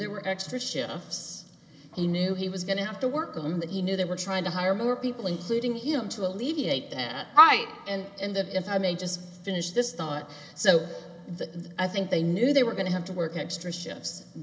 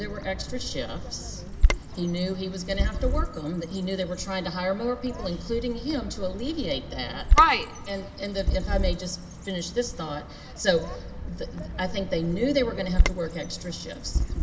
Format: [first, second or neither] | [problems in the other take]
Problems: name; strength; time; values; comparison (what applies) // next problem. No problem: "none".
first | background sound (Bird vocalization, bird call, bird song); as loud as the speech